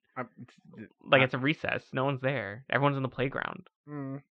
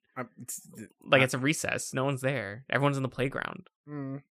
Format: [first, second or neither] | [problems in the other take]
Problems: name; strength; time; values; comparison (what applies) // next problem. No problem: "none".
second | muffled; very; fading above 3.5 kHz